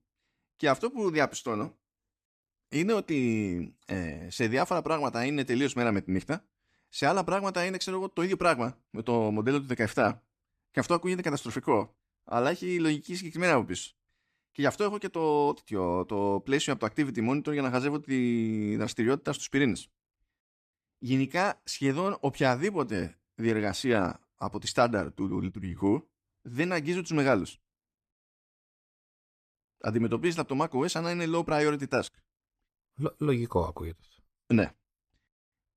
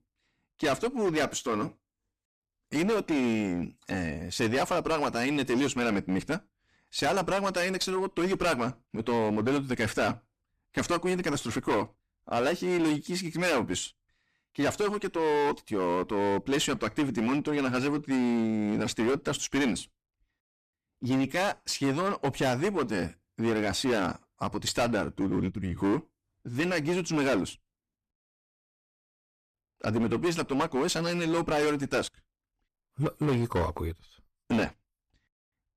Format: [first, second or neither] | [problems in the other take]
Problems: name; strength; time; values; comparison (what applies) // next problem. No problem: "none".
first | distortion; heavy; 13% of the sound clipped